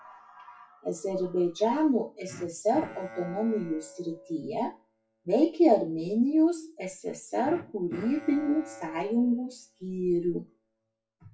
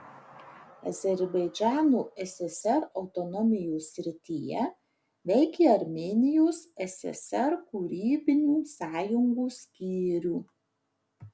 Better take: second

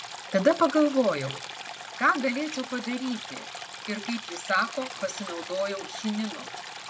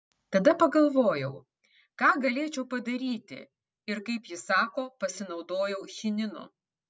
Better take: second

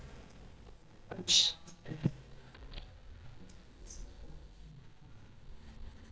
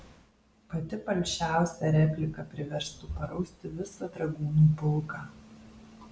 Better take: second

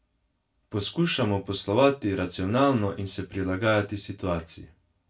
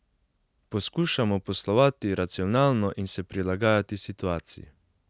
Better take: second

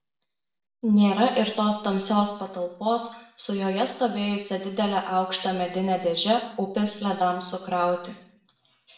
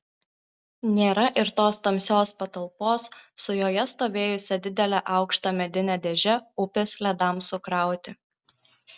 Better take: second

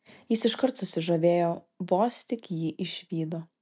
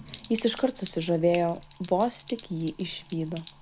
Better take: first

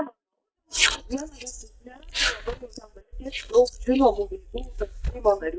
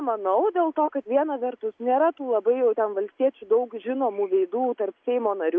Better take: second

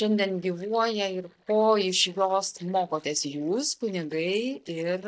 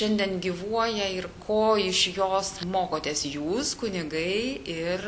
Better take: second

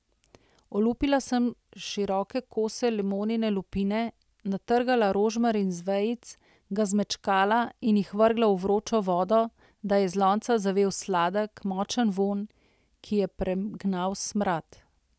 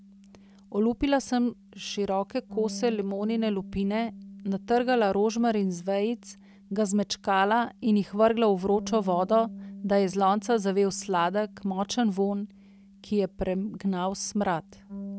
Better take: first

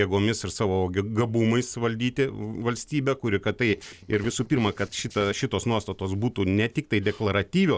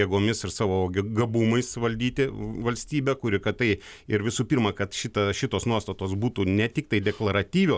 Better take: second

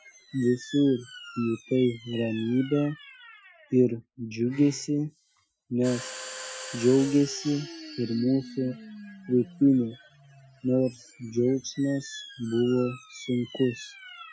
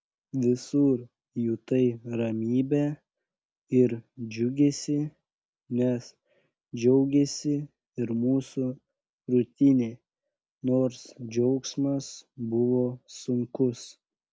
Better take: second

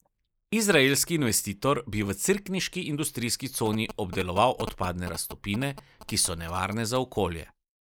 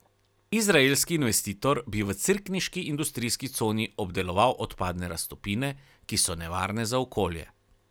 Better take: second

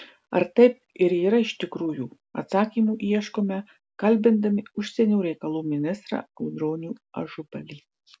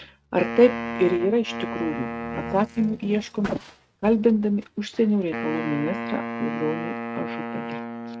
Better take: first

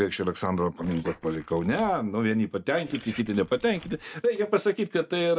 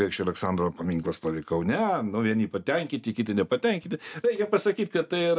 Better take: second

